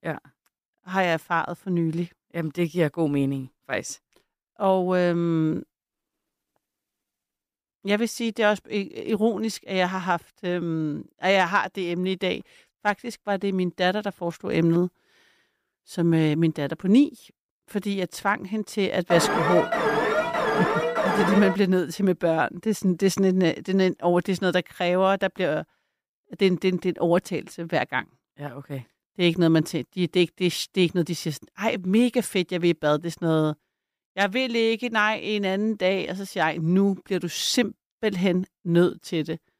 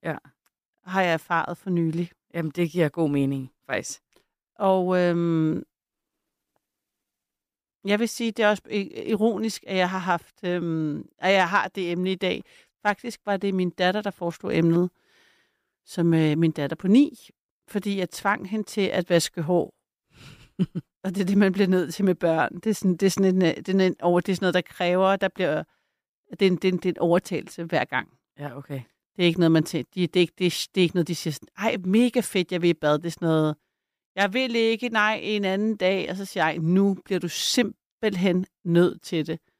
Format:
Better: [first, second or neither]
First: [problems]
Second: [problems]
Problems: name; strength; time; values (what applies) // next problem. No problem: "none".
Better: second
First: alarm; loud; from 19 to 22 s; peak 2 dB above the speech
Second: none